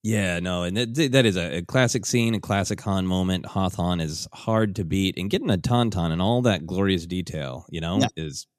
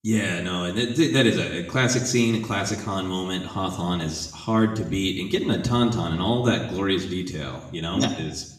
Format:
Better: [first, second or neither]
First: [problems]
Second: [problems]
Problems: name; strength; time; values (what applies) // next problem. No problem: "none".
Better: first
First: none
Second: room echo; slight; dies away in 0.8 s // off-mic speech; somewhat distant